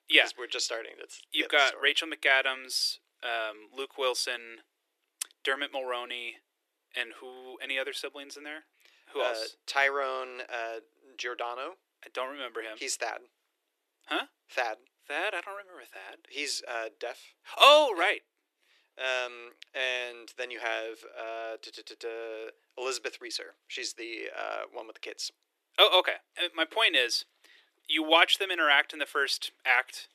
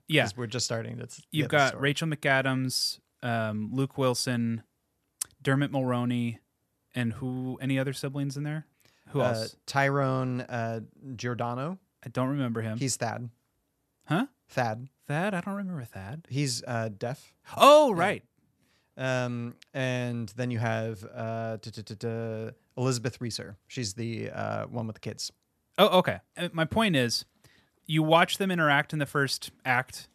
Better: second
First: thin; very; fading below 300 Hz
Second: none

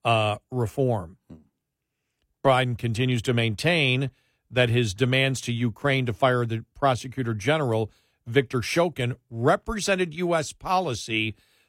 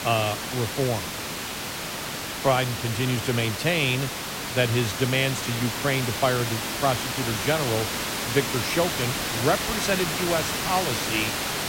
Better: first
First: none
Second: hiss; loud; throughout; 2 dB below the speech

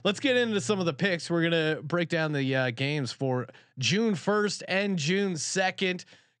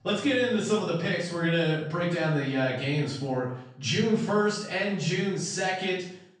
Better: first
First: none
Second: off-mic speech; far // room echo; noticeable; dies away in 0.5 s

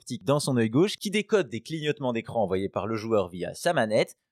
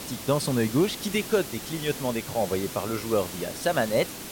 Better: first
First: none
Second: hiss; loud; throughout; 8 dB below the speech

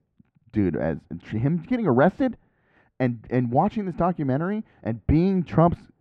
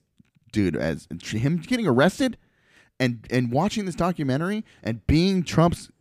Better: second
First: muffled; very; fading above 3.5 kHz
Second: none

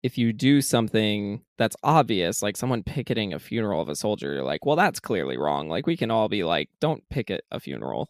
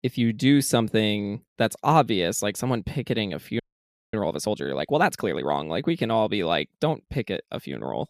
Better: first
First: none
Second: audio freezing; at 3.5 s for 0.5 s

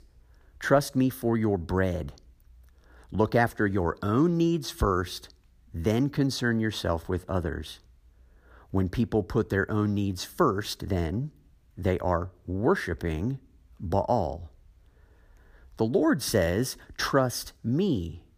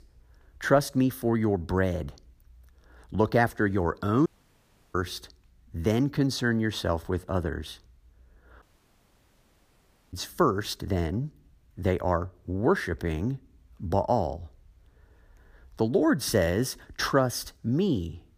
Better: first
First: none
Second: audio cutting out; at 4.5 s for 0.5 s and at 8.5 s for 1.5 s

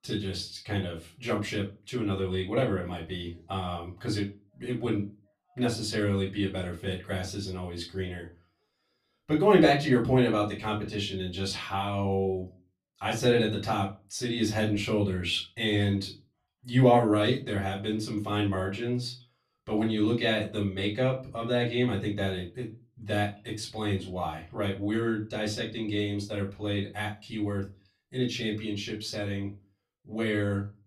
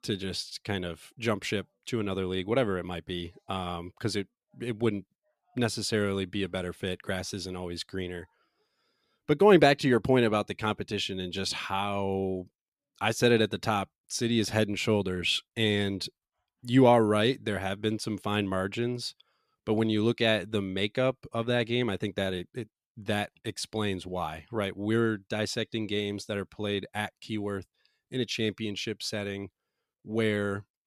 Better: second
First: off-mic speech; far // room echo; very slight; dies away in 0.3 s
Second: none

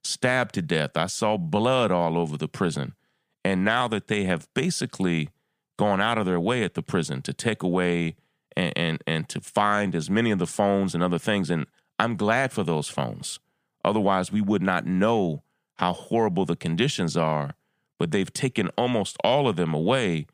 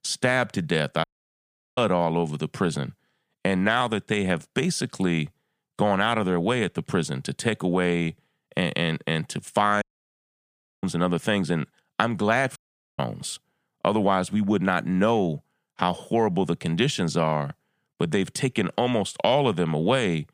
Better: first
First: none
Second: audio cutting out; at 1 s for 0.5 s, at 10 s for 1 s and at 13 s

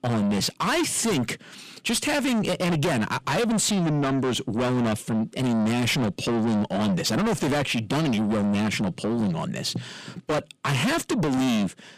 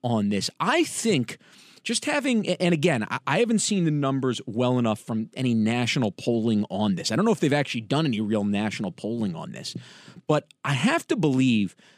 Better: second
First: distortion; heavy; 6 dB below the speech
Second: none

